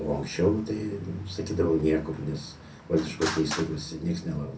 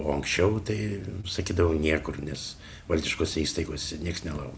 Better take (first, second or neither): second